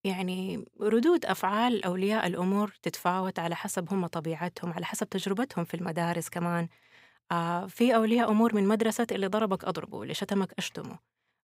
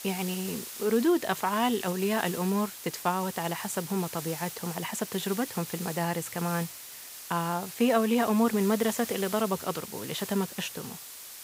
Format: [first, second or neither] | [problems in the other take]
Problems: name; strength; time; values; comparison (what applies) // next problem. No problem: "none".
first | hiss; loud; throughout; 9 dB below the speech